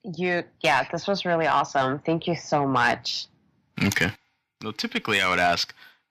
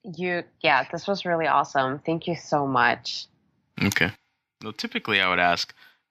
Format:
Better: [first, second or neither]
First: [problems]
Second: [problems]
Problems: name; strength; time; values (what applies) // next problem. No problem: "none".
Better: second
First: distortion; slight; 10 dB below the speech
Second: none